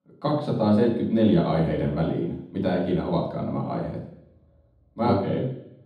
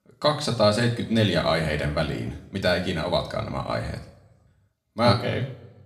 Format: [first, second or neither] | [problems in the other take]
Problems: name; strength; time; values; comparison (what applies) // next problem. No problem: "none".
second | room echo; strong; dies away in 0.9 s; slight in the second // off-mic speech; far; somewhat distant in the second